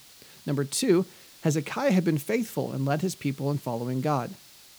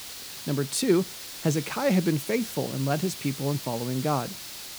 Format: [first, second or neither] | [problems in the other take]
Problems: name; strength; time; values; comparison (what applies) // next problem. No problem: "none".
first | hiss; loud; throughout; 9 dB below the speech; faint in the first